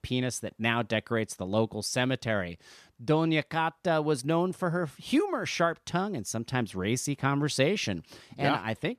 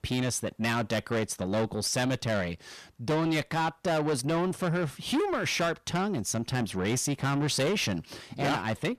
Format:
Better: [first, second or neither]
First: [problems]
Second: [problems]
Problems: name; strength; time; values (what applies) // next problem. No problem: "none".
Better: first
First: none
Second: distortion; heavy; 7 dB below the speech